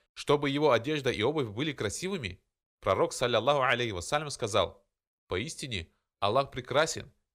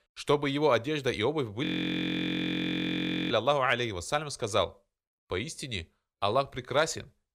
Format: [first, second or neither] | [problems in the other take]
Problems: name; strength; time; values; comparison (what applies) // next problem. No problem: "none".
first | audio freezing; at 1.5 s for 1.5 s